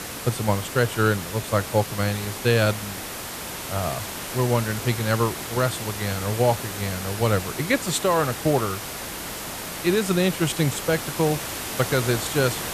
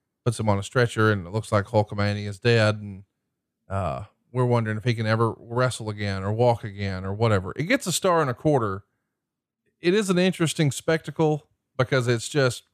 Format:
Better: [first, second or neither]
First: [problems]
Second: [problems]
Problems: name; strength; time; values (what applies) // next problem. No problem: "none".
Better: second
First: hiss; loud; throughout; 7 dB below the speech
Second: none